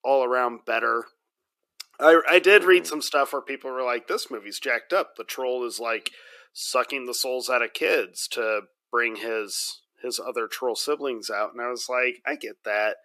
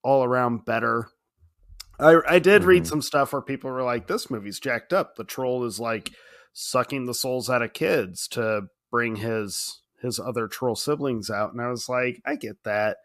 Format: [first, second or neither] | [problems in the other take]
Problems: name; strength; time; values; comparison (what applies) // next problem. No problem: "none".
second | thin; somewhat; fading below 350 Hz